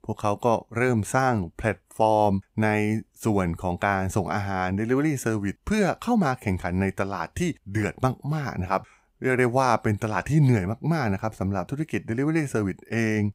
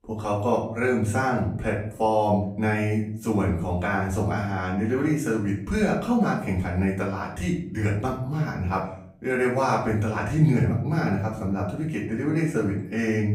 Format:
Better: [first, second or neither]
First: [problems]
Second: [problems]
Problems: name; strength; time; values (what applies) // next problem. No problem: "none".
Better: first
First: none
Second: room echo; slight; dies away in 0.6 s // off-mic speech; far